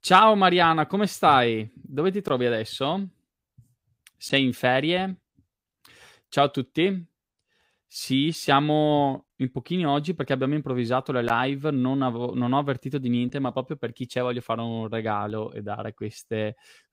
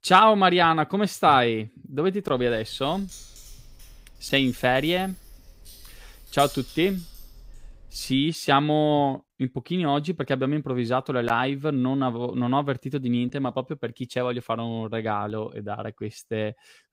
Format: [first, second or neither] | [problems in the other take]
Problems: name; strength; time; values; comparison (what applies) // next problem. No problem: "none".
first | jangling keys; faint; from 2.5 to 8 s; peak 10 dB below the speech